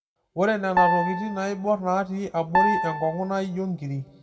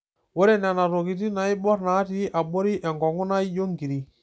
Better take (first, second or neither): second